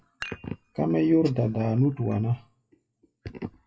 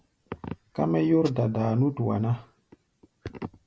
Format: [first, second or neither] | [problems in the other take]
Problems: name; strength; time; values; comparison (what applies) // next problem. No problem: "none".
second | noise reduction (classical method WPE with log-MMSE)